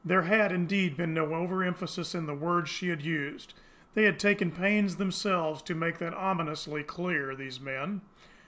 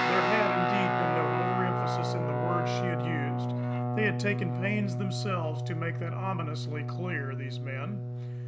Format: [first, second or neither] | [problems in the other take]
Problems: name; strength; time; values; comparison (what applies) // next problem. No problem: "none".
first | background sound (Guitar); 4 dB above the speech